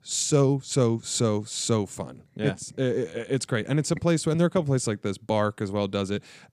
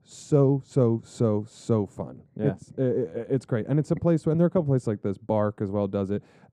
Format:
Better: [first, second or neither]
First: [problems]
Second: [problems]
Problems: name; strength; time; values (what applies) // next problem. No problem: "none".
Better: first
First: none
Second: muffled; very; fading above 1.5 kHz